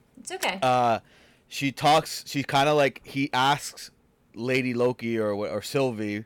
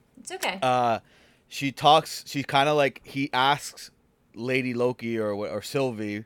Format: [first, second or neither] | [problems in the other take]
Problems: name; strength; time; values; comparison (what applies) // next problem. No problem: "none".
second | distortion; slight; 2% of the sound clipped